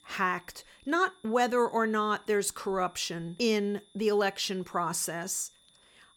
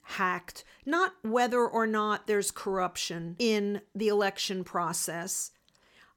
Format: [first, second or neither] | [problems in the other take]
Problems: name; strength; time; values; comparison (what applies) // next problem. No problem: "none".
second | high-pitched whine; faint; throughout; 3.5 kHz, 30 dB below the speech